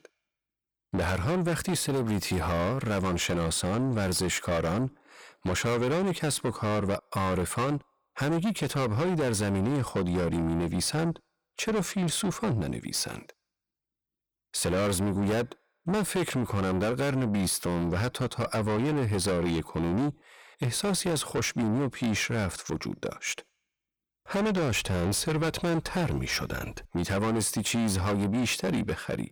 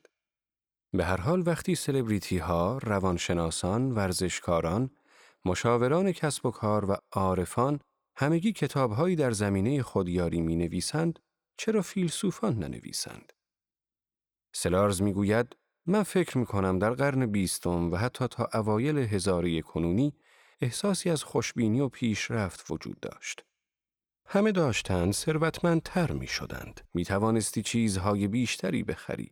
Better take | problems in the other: second | distortion; heavy; 6 dB below the speech

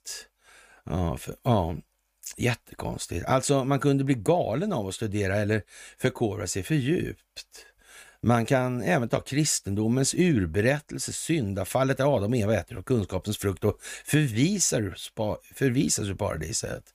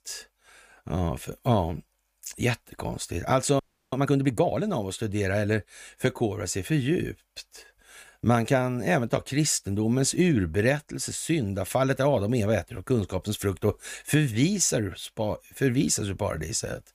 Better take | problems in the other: first | audio freezing; at 3.5 s

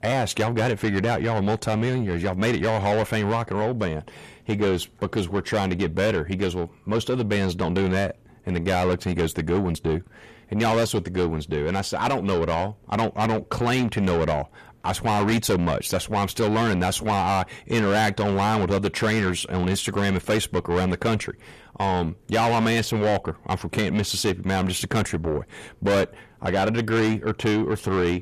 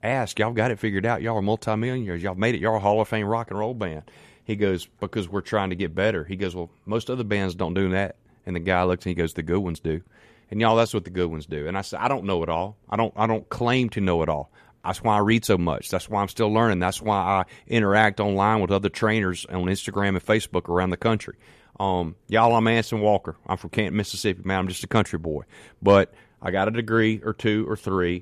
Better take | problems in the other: second | distortion; heavy; 6 dB below the speech

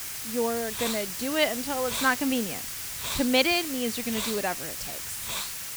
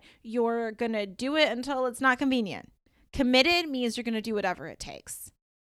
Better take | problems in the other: second | hiss; loud; throughout; 4 dB below the speech

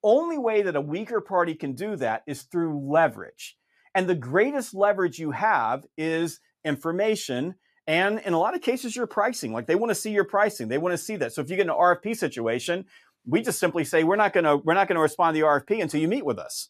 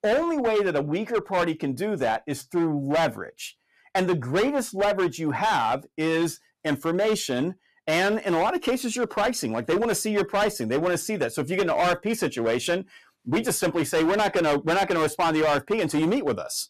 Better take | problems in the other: first | distortion; heavy; 14% of the sound clipped

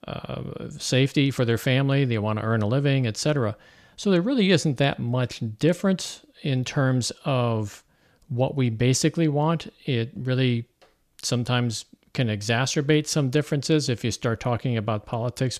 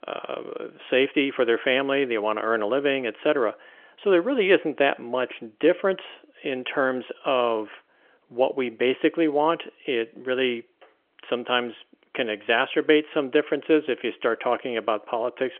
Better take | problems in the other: first | phone-call audio; nothing above 3.5 kHz

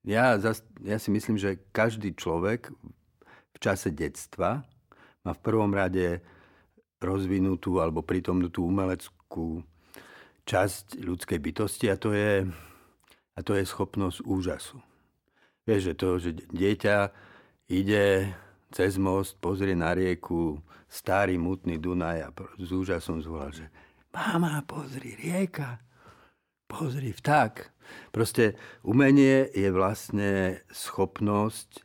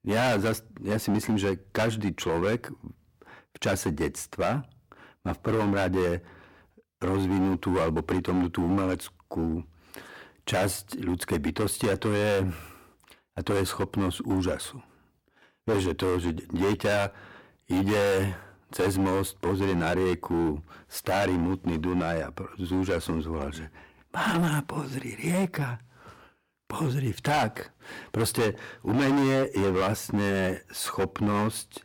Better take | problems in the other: first | distortion; heavy; 12% of the sound clipped

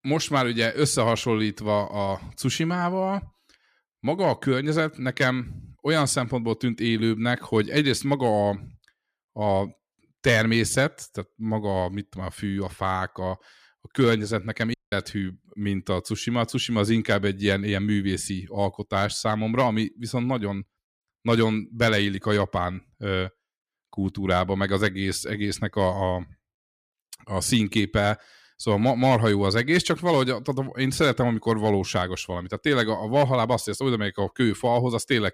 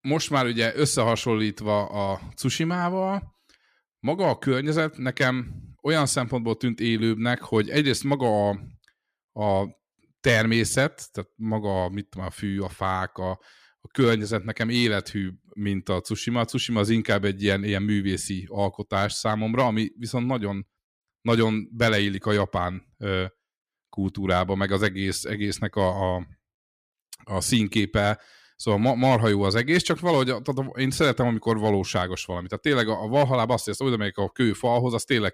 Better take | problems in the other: second | audio cutting out; at 15 s

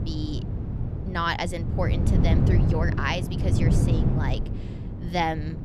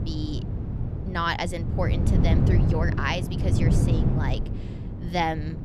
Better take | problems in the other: neither | wind noise on the microphone; heavy; 6 dB below the speech; the same in both

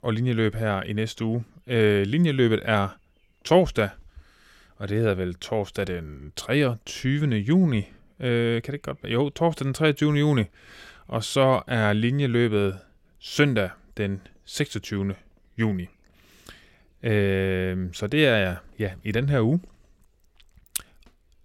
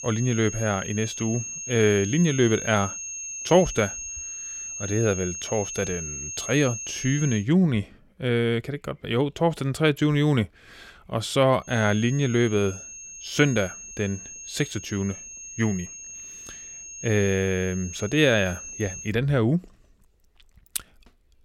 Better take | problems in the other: first | high-pitched whine; loud; until 7.5 s and from 12 to 19 s; 6.5 kHz, 9 dB below the speech

